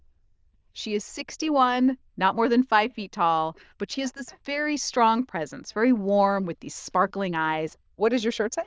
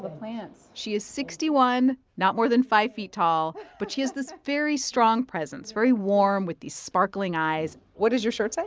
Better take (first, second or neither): second